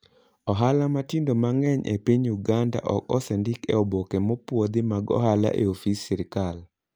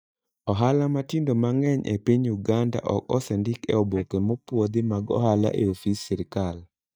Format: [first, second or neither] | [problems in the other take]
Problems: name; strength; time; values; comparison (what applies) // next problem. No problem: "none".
first | noise reduction (neural mask model DeepFilterNet 3)